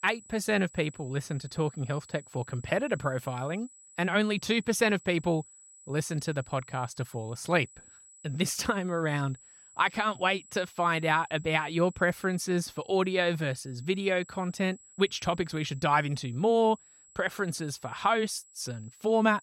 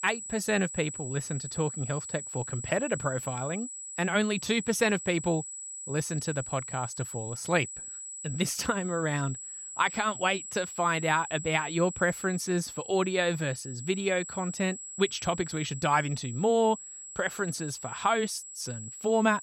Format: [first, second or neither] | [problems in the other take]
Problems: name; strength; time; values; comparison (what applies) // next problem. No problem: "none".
first | high-pitched whine; loud; throughout; 7.5 kHz, 9 dB below the speech; faint in the first